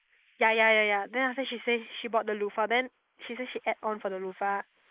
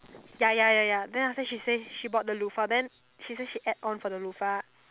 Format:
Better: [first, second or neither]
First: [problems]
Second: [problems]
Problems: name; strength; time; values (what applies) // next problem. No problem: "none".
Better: second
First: noise reduction (neural mask model Resemble Enhance denoiser)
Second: none